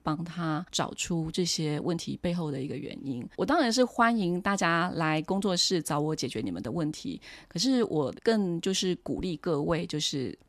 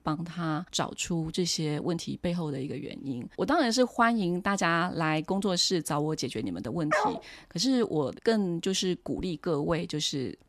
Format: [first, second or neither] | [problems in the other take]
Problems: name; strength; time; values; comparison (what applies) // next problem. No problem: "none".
first | dog barking; loud; at 7 s; peak 1 dB above the speech